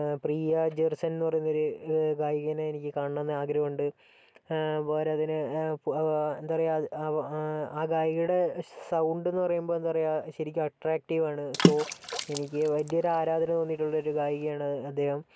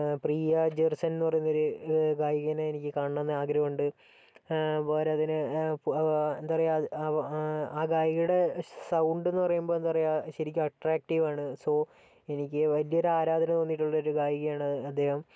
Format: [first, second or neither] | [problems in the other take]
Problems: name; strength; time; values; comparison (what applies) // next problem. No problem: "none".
second | background sound (Water / Splash, splatter); 2 dB below the speech